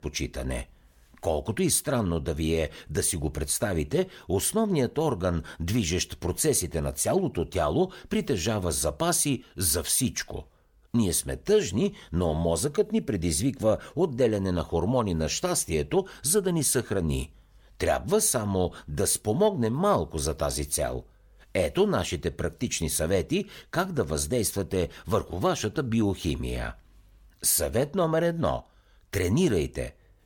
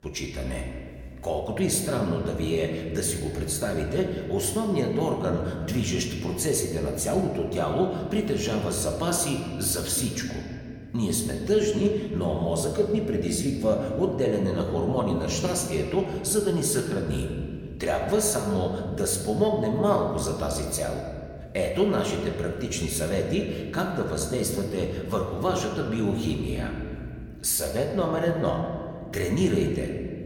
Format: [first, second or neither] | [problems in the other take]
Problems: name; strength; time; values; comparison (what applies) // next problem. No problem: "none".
first | room echo; slight; dies away in 2 s